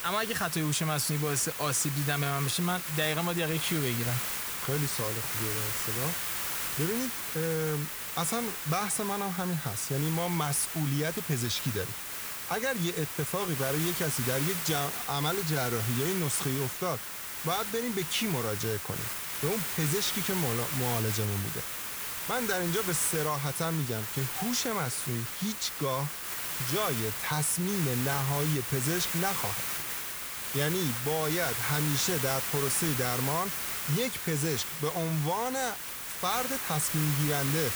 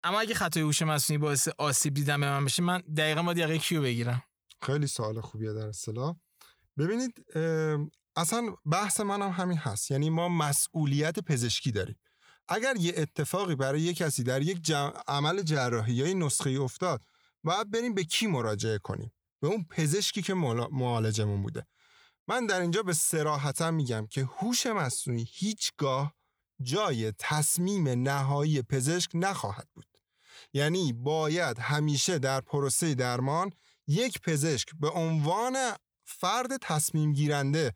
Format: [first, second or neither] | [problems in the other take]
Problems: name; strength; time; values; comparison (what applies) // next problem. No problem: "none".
second | hiss; loud; throughout; 1 dB below the speech